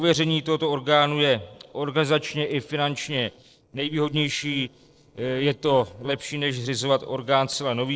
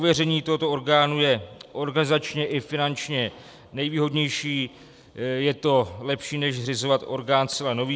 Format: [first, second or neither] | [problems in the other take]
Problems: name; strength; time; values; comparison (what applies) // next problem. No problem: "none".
second | noise reduction (neural separator model SepFormer DNS4)